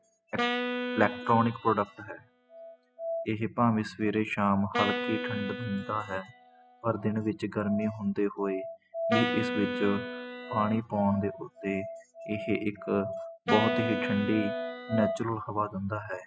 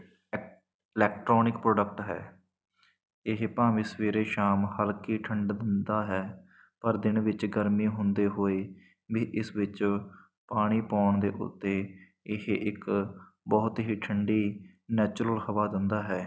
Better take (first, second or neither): second